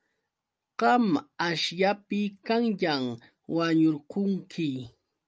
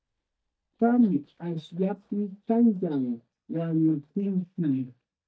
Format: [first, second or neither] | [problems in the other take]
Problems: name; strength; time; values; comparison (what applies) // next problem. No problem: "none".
first | noise reduction (neural mask model DeepFilterNet 3)